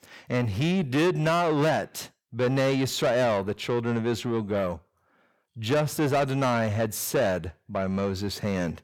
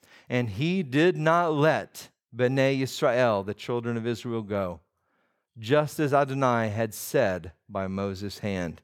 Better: second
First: distortion; heavy; 8 dB below the speech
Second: none

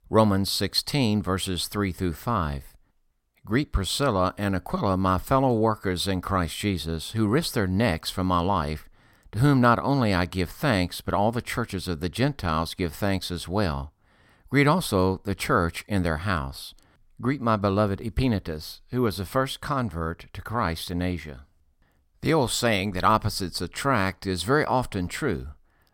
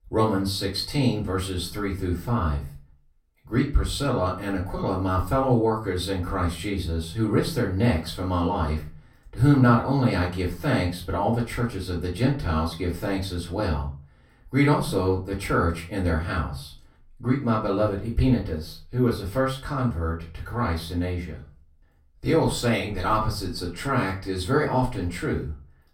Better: first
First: none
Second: off-mic speech; far // room echo; slight; dies away in 0.3 s

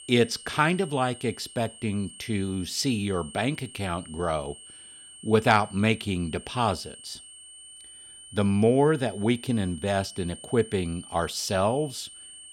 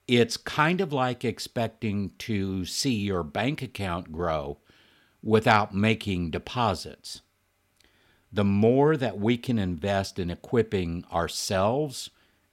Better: second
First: high-pitched whine; noticeable; throughout; 8.5 kHz, 15 dB below the speech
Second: none

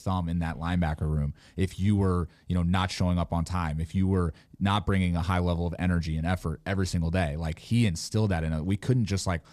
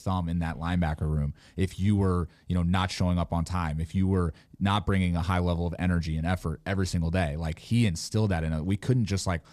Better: neither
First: none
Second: none

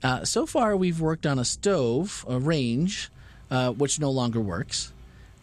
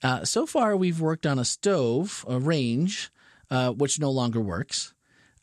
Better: second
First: rain or running water; faint; throughout; 25 dB below the speech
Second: none

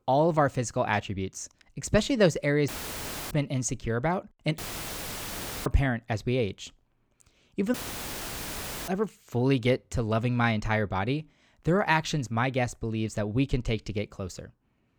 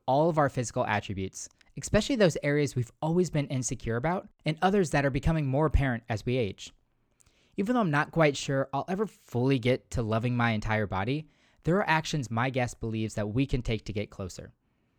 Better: second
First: audio cutting out; filled with static; at 2.5 s for 0.5 s, at 4.5 s for 1 s and at 7.5 s for 1 s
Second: none

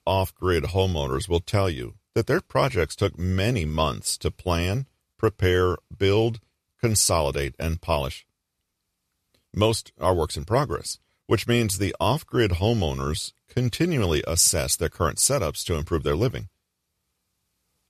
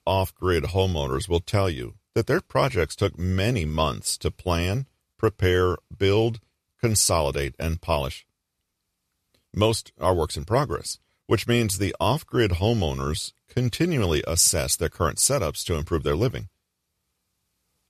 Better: neither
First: none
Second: none

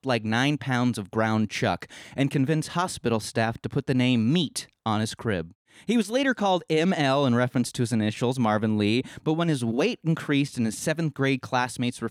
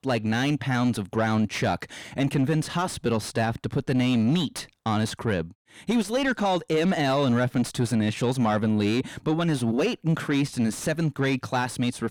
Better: first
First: none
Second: distortion; slight; 10 dB below the speech

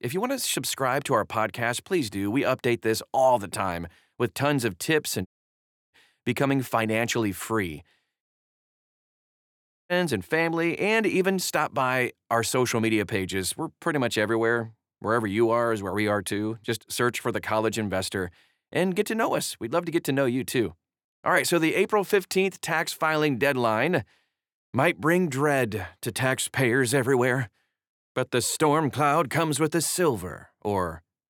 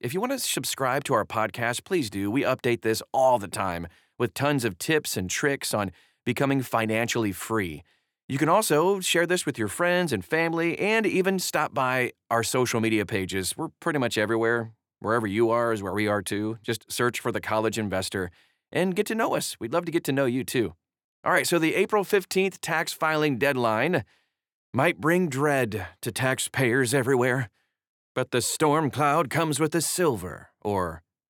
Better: second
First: audio cutting out; at 5.5 s for 0.5 s and at 8 s for 1.5 s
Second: none

